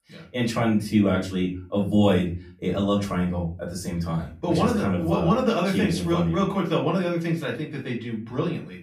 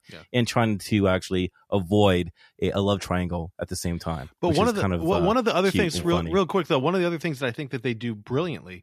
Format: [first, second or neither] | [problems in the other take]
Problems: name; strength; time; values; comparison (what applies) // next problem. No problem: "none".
second | off-mic speech; far // room echo; slight; dies away in 0.3 s